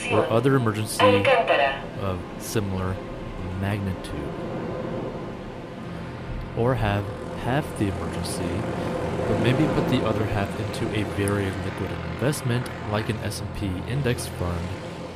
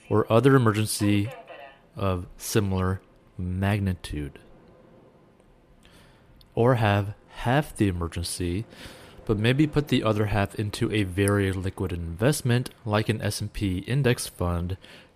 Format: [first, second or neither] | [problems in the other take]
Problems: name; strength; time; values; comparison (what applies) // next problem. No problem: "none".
second | train or aircraft noise; loud; throughout; 1 dB below the speech; faint in the second